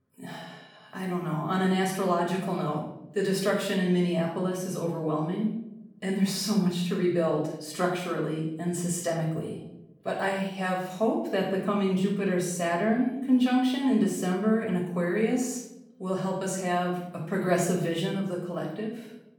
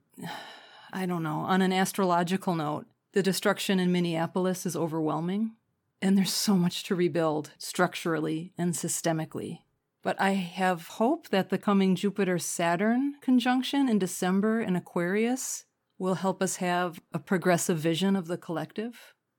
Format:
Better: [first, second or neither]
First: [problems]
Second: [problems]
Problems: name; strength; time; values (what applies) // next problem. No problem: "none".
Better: second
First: off-mic speech; far // room echo; noticeable; dies away in 0.7 s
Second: none